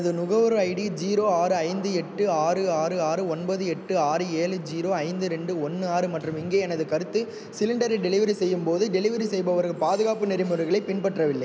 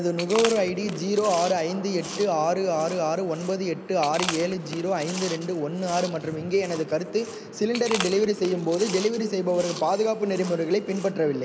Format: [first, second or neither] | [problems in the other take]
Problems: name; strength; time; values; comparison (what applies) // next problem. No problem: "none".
first | background sound (Chewing, mastication); 12 dB below the speech